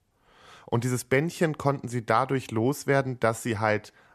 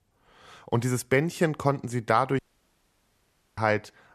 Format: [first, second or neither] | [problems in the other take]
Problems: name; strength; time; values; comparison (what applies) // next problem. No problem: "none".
first | audio cutting out; at 2.5 s for 1 s